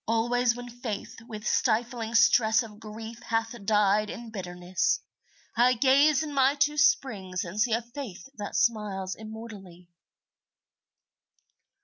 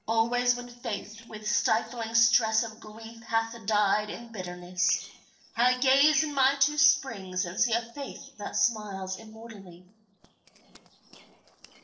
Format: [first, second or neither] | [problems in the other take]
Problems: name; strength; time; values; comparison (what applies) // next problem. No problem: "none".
first | noise reduction (neural separator model SepFormer DNS4)